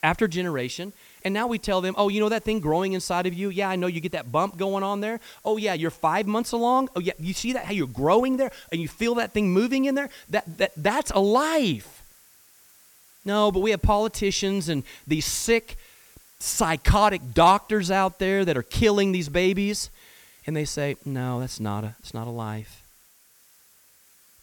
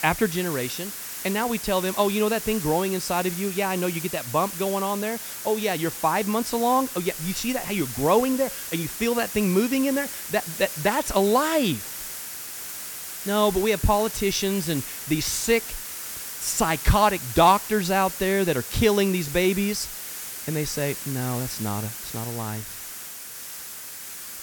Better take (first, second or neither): first